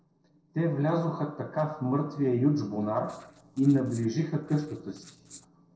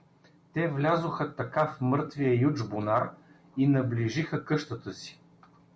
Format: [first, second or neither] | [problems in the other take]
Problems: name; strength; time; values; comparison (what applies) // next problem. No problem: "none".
second | noise reduction (neural separator model SepFormer DNS4)